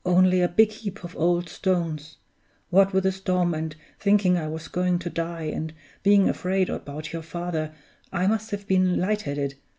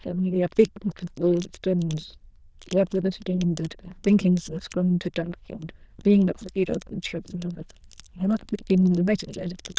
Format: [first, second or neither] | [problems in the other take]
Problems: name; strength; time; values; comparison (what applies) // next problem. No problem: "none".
first | noise reduction (neural diffusion model UNIVERSE++)